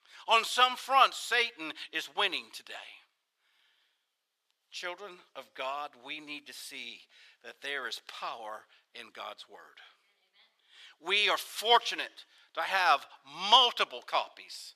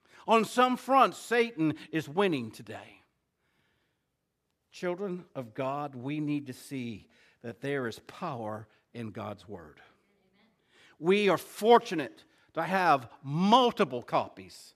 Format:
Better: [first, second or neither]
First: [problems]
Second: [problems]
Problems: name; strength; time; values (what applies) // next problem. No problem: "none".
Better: second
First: thin; very; fading below 900 Hz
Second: none